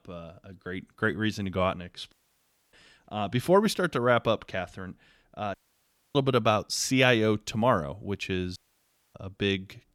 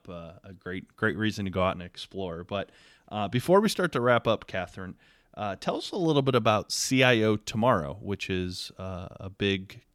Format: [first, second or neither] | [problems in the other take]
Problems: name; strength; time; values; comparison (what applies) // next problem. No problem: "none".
second | audio cutting out; at 2 s for 0.5 s, at 5.5 s for 0.5 s and at 8.5 s for 0.5 s